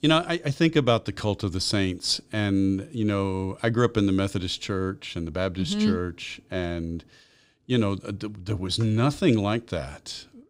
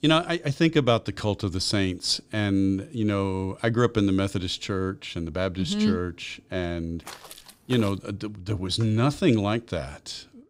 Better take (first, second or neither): first